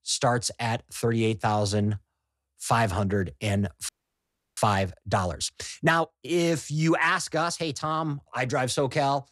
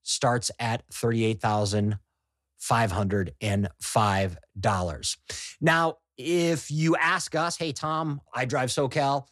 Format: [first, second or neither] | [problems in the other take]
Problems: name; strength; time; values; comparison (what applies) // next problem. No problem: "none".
second | audio freezing; at 4 s for 0.5 s